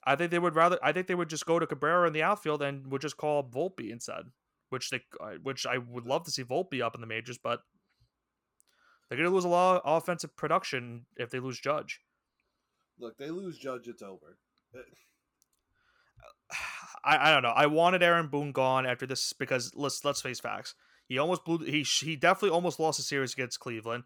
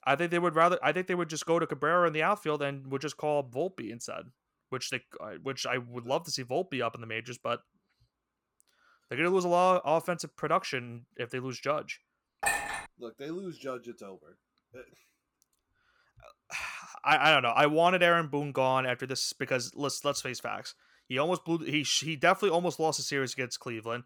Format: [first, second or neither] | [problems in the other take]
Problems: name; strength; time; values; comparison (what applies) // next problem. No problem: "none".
first | clattering dishes; noticeable; at 12 s; peak level with the speech